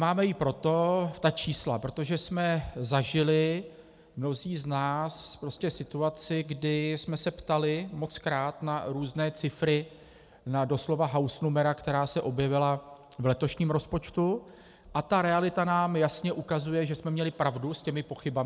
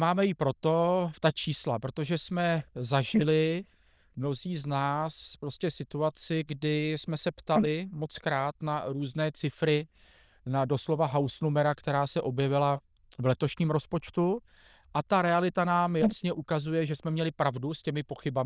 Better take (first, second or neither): first